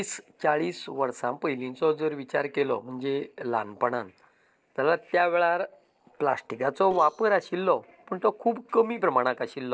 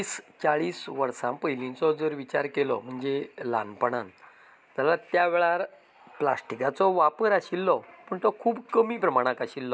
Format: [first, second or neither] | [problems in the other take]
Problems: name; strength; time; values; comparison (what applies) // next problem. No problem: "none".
second | noise reduction (neural separator model SepFormer DNS4)